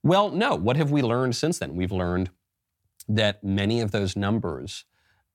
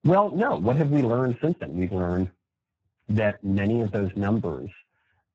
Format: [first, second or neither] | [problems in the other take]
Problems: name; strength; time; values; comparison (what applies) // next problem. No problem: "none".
first | garbled, watery; badly